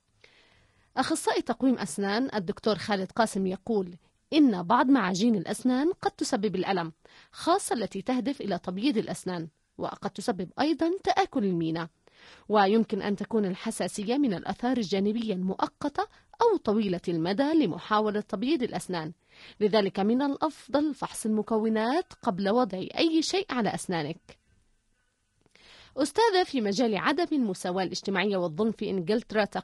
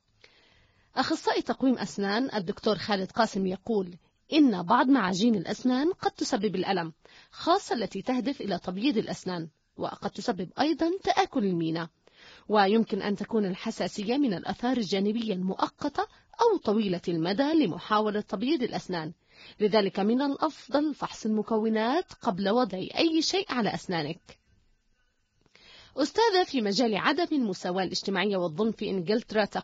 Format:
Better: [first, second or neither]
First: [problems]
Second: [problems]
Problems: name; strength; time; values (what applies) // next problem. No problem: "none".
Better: first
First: garbled, watery; slightly; nothing above 11.5 kHz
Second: garbled, watery; badly; nothing above 7.5 kHz